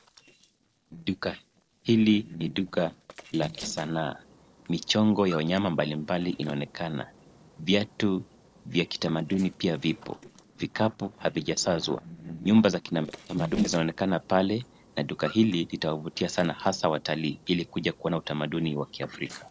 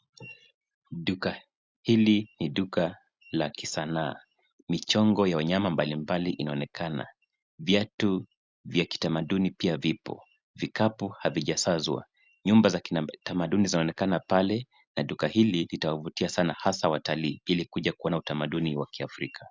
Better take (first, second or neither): second